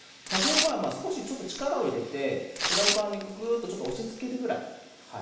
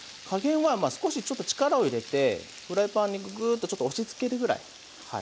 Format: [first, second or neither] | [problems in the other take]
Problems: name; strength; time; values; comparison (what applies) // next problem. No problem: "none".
second | background sound (Tearing); 1 dB below the speech // room echo; dies away in 0.9 s